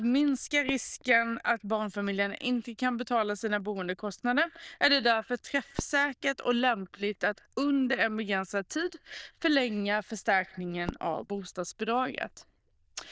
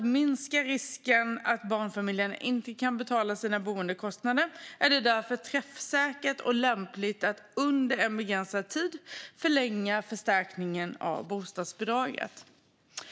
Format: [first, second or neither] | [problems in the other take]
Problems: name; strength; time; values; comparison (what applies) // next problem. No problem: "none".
second | noise reduction (neural diffusion model UNIVERSE++)